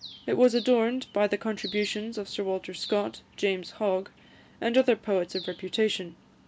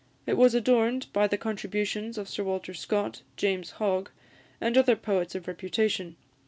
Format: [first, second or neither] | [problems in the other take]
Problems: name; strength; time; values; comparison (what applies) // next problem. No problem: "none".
second | background sound (Bird); 18 dB below the speech